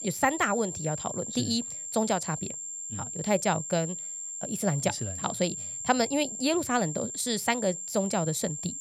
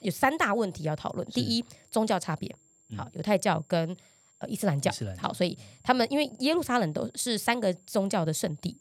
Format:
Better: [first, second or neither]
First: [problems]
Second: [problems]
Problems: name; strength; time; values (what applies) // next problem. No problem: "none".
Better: second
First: high-pitched whine; loud; throughout; 7.5 kHz, 5 dB below the speech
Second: high-pitched whine; faint; throughout; 7.5 kHz, 30 dB below the speech